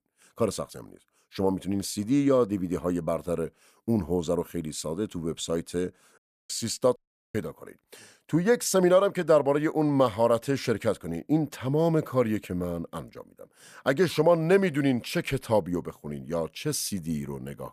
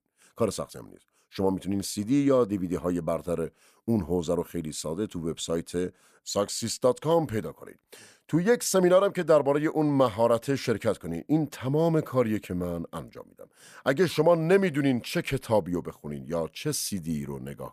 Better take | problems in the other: second | audio cutting out; at 6 s and at 7 s

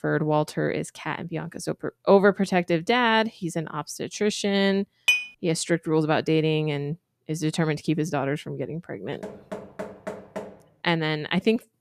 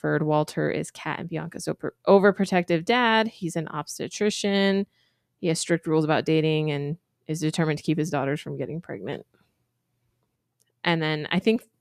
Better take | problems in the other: second | clattering dishes; loud; at 5 s; peak 3 dB above the speech // door banging; faint; from 9 to 11 s; peak 10 dB below the speech

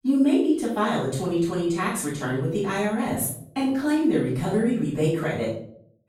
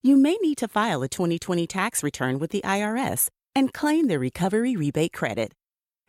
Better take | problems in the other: second | off-mic speech; far // room echo; noticeable; dies away in 0.6 s

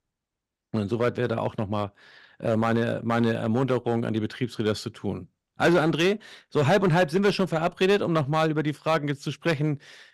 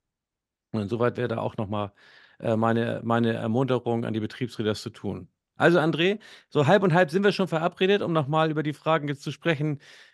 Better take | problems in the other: second | distortion; slight; 4% of the sound clipped

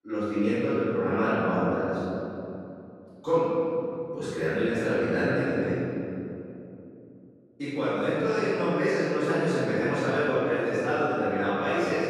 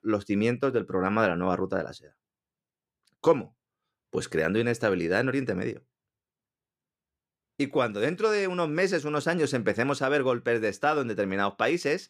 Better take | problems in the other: second | off-mic speech; far // room echo; strong; dies away in 2.8 s

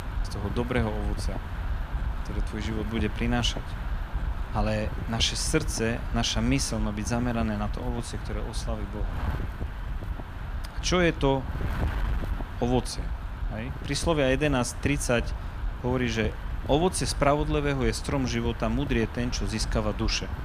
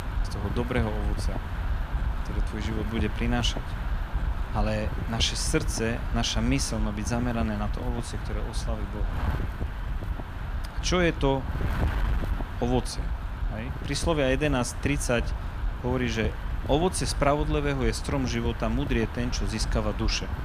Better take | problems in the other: first | wind noise on the microphone; heavy; 10 dB below the speech; occasional gusts in the first

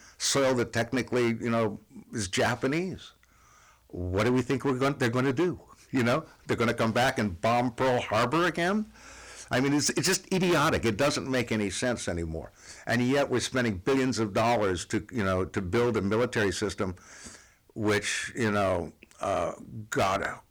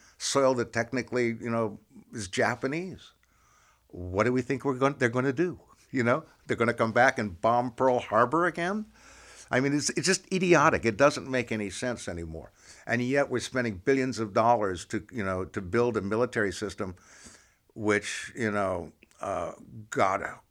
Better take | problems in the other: second | distortion; heavy; 13% of the sound clipped

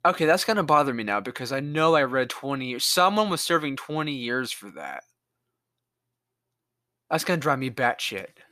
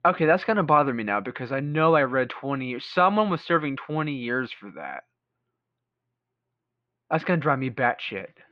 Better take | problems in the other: first | muffled; very; fading above 3 kHz

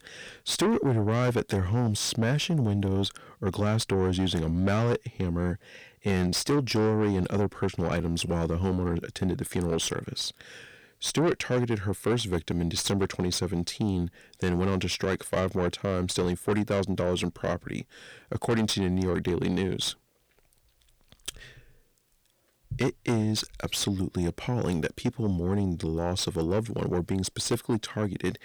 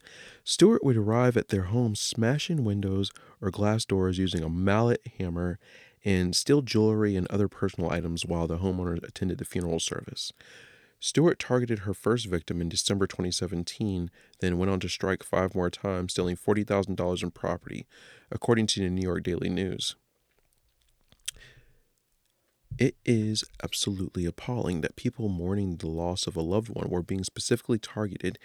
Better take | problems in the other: second | distortion; heavy; 8 dB below the speech

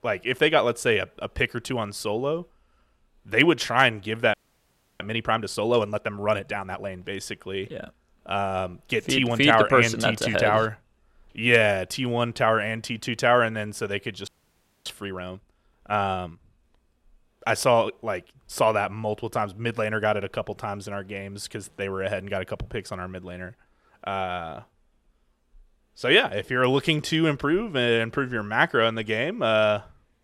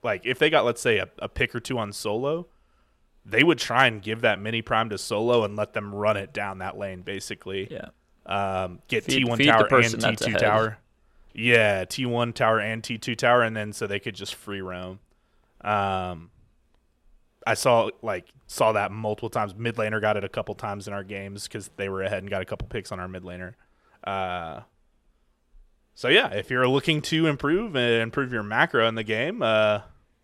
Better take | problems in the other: second | audio freezing; at 4.5 s for 0.5 s and at 14 s for 0.5 s

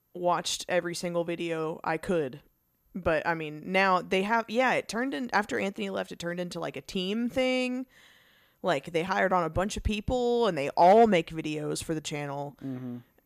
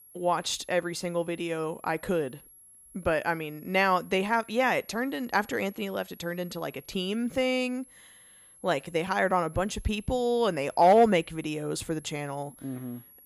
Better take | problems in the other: first | high-pitched whine; faint; throughout; 11 kHz, 25 dB below the speech

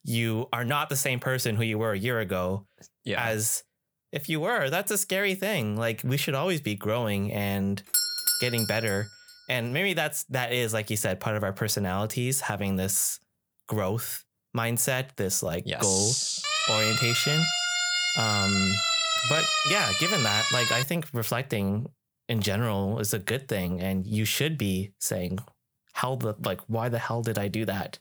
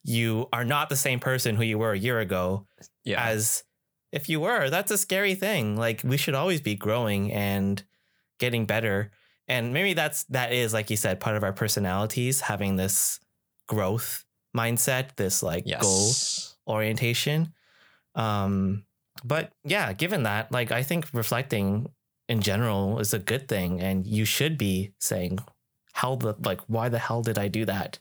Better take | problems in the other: second | doorbell; loud; at 8 s; peak 5 dB above the speech // siren; loud; from 16 to 21 s; peak 5 dB above the speech

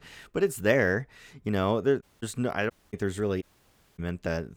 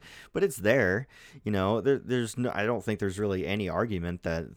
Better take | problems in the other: second | audio cutting out; at 2 s, at 2.5 s and at 3.5 s for 0.5 s

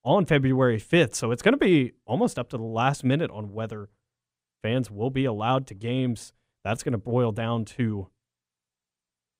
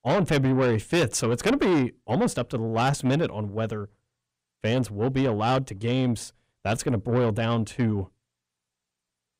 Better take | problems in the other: first | distortion; heavy; 8 dB below the speech

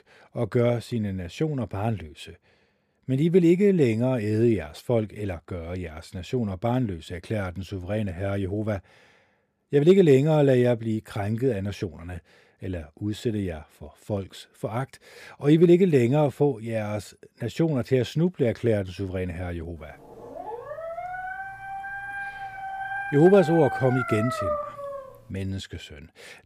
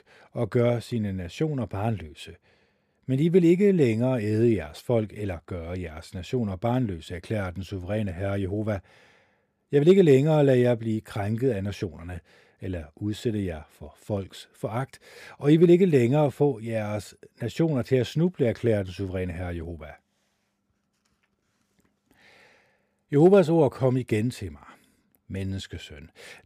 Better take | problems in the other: second | dog barking; noticeable; from 20 to 25 s; peak 4 dB below the speech

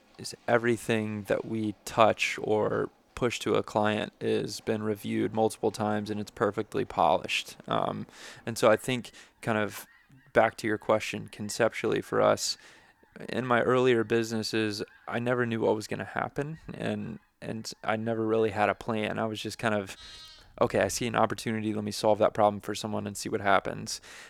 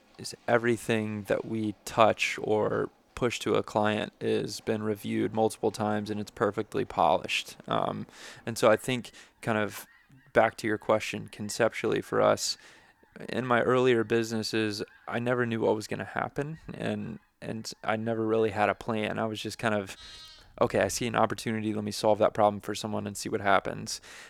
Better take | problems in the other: neither | animal sounds; faint; throughout; 30 dB below the speech; the same in both

